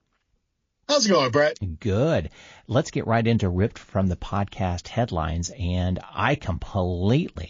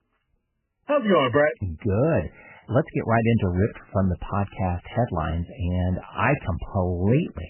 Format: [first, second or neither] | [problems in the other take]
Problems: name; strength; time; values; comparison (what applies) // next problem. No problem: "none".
first | garbled, watery; badly; nothing above 3 kHz; slightly in the first